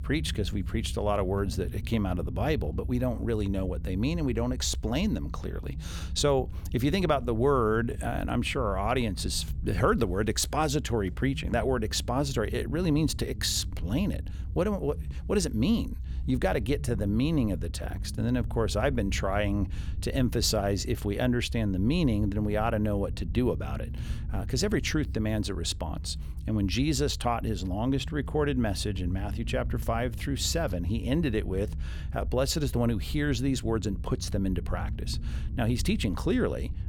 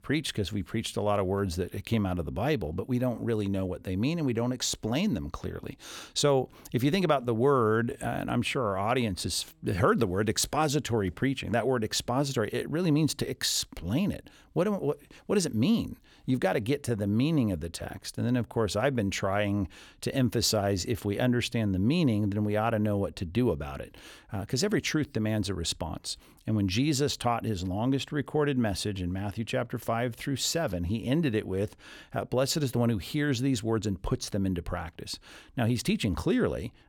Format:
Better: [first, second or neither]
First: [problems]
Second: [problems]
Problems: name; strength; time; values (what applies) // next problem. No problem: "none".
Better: second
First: low rumble; faint; throughout; 20 dB below the speech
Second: none